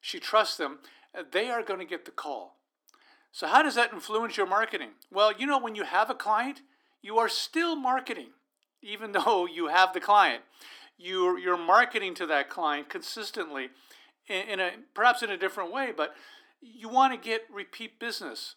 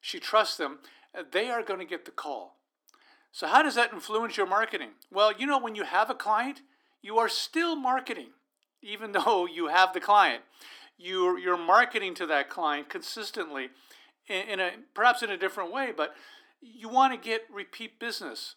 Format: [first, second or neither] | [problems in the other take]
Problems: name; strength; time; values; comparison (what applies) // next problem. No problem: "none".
neither | thin; somewhat; fading below 300 Hz; the same in both